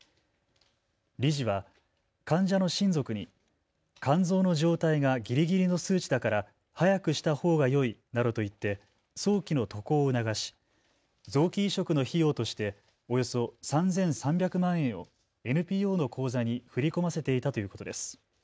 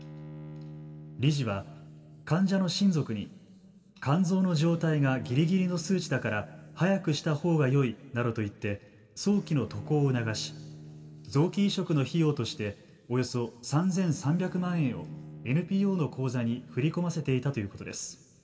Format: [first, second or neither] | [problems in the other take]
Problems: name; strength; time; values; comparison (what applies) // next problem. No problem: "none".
first | background sound (Bowed string instrument); 18 dB below the speech // room echo; dies away in 1.8 s